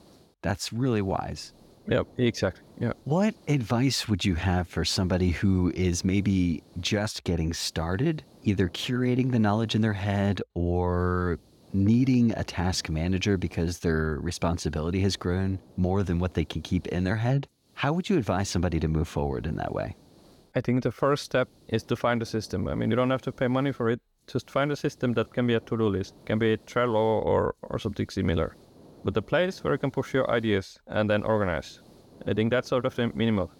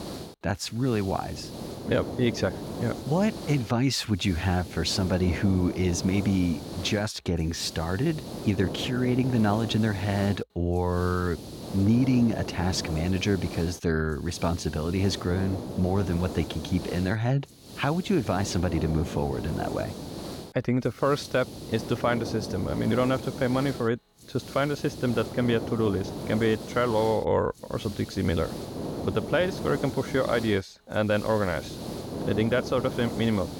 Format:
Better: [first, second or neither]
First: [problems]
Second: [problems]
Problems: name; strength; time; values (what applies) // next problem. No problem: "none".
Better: first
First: hiss; faint; throughout; 30 dB below the speech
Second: hiss; loud; throughout; 10 dB below the speech